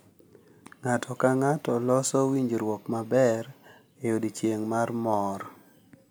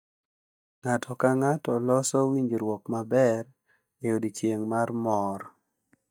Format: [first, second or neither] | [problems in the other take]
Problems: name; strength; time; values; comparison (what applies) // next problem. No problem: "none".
first | noise reduction (neural mask model DeepFilterNet 3)